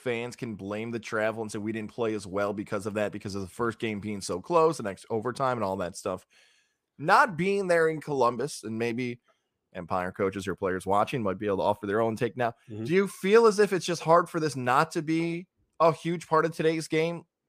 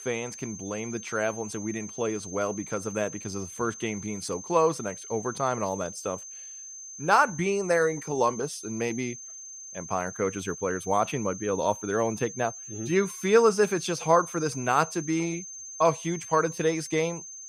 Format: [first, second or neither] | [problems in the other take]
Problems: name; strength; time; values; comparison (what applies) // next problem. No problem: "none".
first | high-pitched whine; noticeable; throughout; 6.5 kHz, 10 dB below the speech